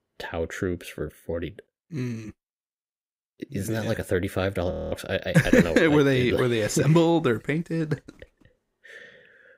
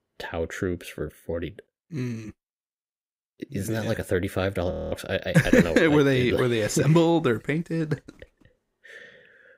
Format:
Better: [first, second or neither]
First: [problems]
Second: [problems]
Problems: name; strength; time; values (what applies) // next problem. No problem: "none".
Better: neither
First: audio freezing; at 4.5 s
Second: audio freezing; at 4.5 s